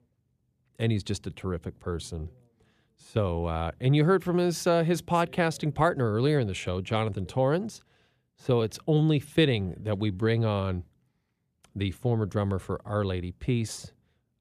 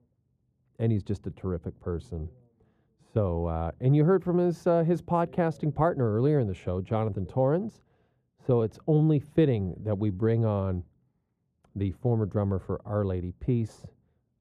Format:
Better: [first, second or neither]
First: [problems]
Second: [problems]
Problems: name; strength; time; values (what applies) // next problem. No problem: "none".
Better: first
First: none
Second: muffled; very; fading above 1.5 kHz